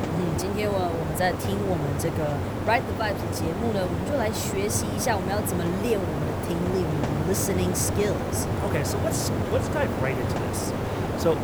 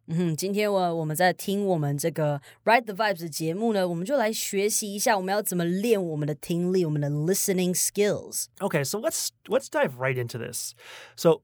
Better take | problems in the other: second | hiss; loud; throughout; as loud as the speech

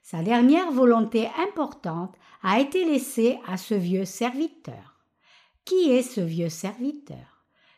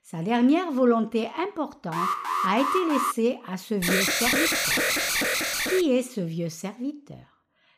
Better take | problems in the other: first | alarm; loud; from 2 to 3 s and from 4 to 6 s; peak 5 dB above the speech

